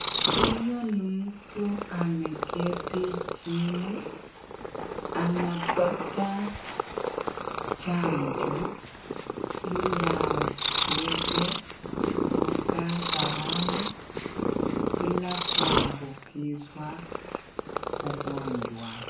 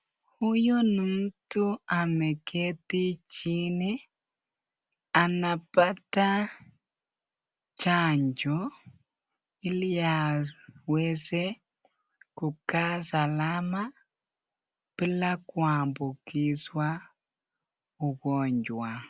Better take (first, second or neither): second